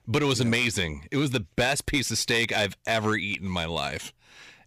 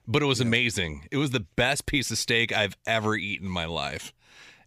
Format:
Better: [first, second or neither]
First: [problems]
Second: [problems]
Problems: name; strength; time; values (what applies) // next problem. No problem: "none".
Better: second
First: distortion; slight; 3% of the sound clipped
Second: none